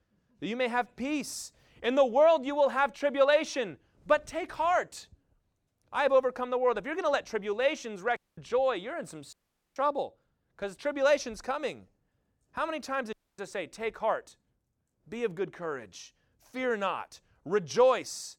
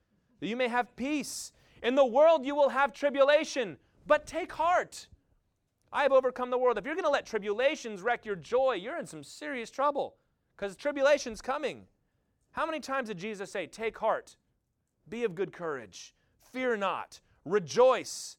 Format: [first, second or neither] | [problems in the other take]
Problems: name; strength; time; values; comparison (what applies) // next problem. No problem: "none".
second | audio cutting out; at 8 s, at 9.5 s and at 13 s